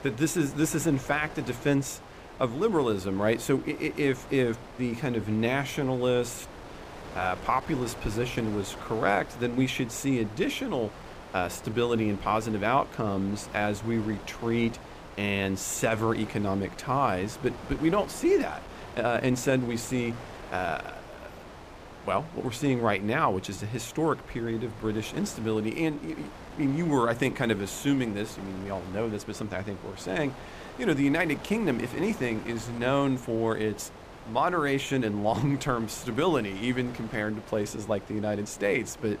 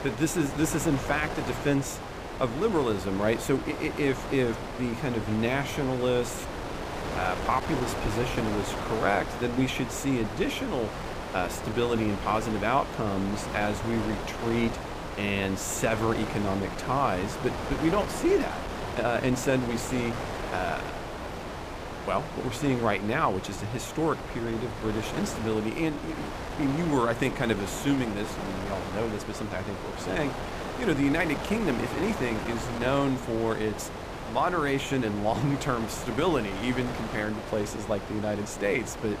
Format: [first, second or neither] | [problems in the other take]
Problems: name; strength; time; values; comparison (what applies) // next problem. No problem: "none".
first | wind noise on the microphone; heavy; 5 dB below the speech; occasional gusts in the first